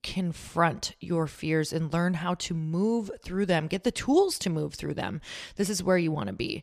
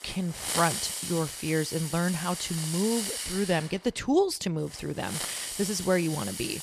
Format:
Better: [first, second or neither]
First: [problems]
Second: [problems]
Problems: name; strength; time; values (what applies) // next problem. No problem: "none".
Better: first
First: none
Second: hiss; loud; throughout; 4 dB below the speech